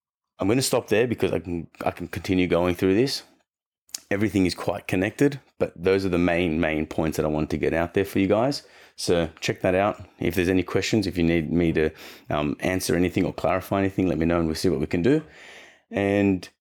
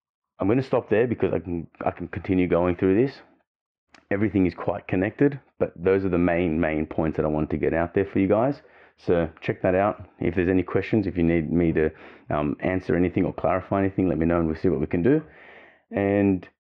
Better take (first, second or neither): first